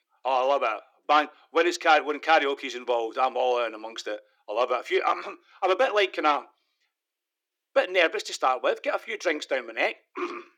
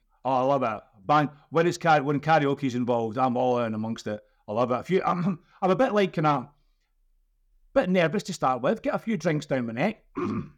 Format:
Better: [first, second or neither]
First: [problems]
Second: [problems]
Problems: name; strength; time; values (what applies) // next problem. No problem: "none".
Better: second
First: thin; very; fading below 300 Hz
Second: none